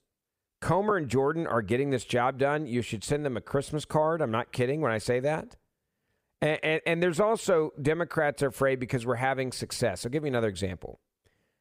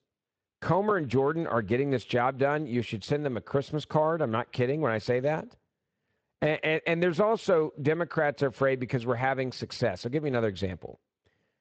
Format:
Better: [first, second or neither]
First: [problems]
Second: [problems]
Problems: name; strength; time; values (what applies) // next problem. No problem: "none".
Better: first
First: none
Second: garbled, watery; slightly; nothing above 7.5 kHz